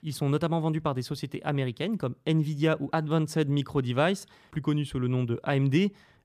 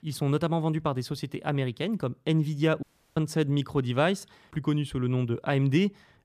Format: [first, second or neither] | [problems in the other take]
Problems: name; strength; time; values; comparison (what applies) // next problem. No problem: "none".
first | audio cutting out; at 3 s